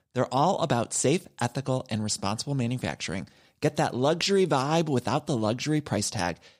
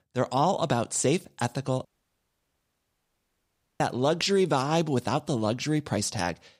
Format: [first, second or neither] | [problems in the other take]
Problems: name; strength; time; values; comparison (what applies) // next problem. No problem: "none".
first | audio cutting out; at 2 s for 2 s